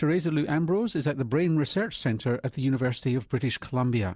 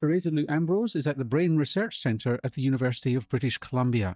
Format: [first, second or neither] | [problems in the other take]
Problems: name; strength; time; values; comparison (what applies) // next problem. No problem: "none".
first | noise reduction (neural mask model DeepFilterNet 3)